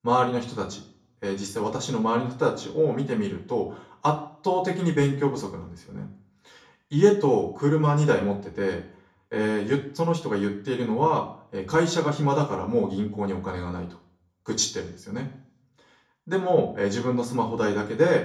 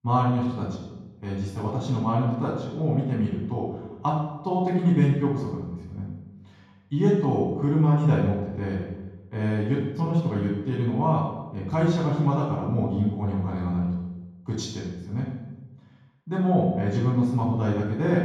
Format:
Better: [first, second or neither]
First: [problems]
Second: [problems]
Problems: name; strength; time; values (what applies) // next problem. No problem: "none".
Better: first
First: room echo; slight; dies away in 0.4 s // off-mic speech; far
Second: room echo; strong; dies away in 1.3 s // off-mic speech; far